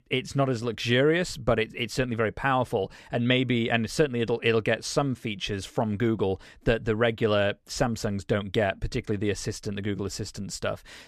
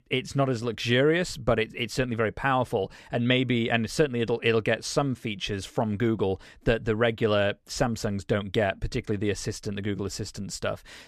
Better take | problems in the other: neither | none

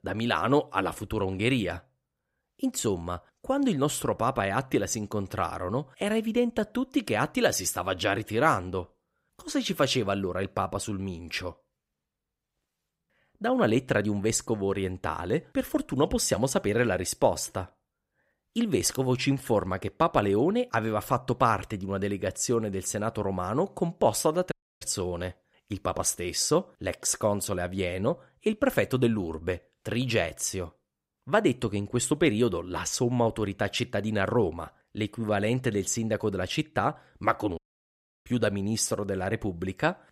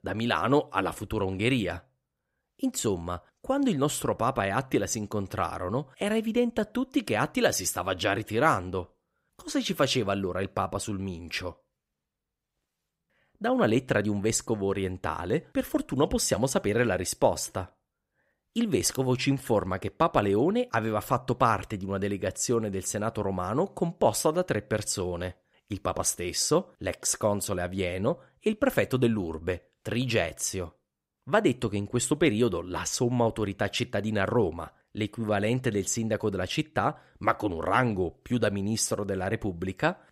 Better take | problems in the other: second | audio cutting out; at 25 s and at 38 s for 0.5 s

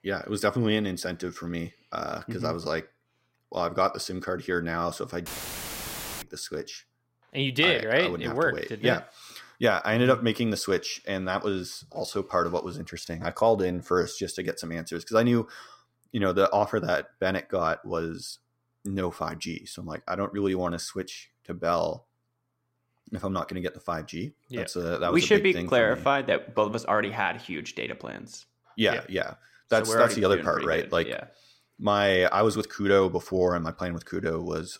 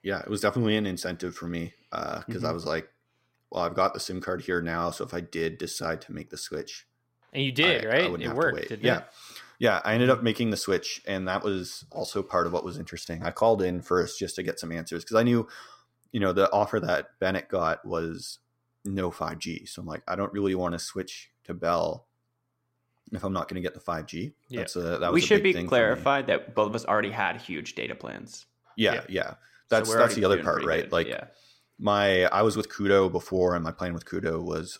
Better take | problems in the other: second | audio cutting out; filled with static; at 5.5 s for 1 s

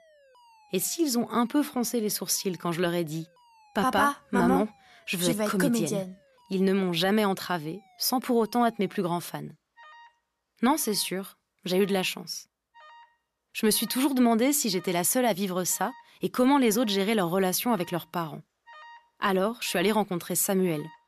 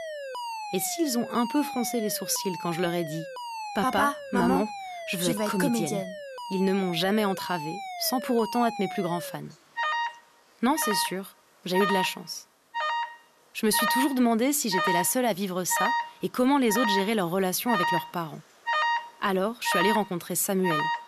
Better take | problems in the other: first | alarms or sirens; loud; throughout; 4 dB below the speech; faint in the first

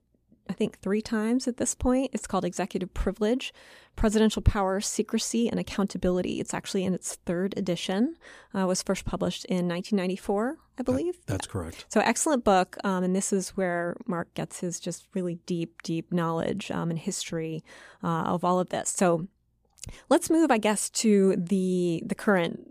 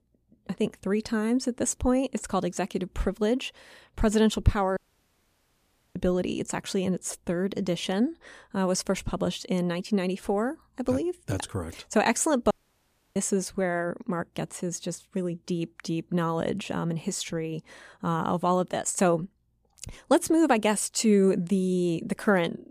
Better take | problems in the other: first | audio cutting out; at 5 s for 1 s and at 13 s for 0.5 s

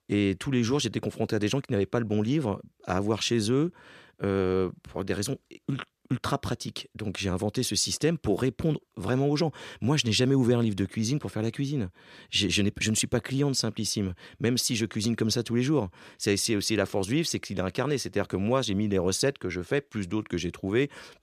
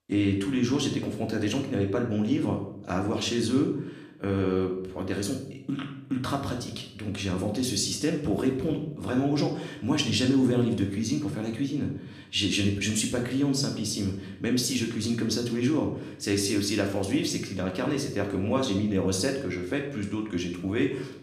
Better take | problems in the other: first | room echo; slight; dies away in 0.6 s // off-mic speech; somewhat distant

